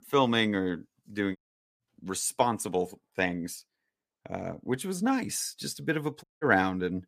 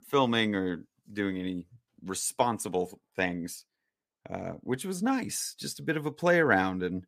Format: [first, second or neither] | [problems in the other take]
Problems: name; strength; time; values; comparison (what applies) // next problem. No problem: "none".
second | audio cutting out; at 1.5 s and at 6 s